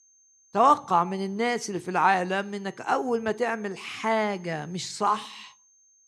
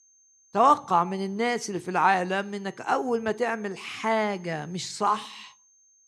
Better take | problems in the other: neither | high-pitched whine; faint; throughout; 6.5 kHz, 30 dB below the speech; the same in both

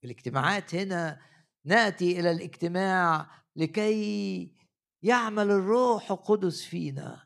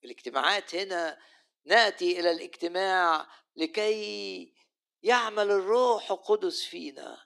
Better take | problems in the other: first | thin; very; fading below 300 Hz

